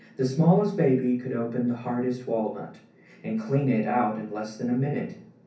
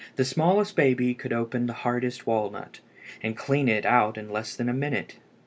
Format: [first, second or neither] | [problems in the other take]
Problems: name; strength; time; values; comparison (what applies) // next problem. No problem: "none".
second | room echo; dies away in 0.6 s